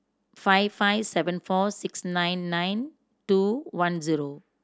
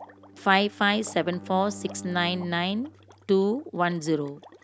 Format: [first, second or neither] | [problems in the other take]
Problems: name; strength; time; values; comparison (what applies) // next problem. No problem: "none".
first | background sound (Water / Liquid + Bowed string instrument); 18 dB below the speech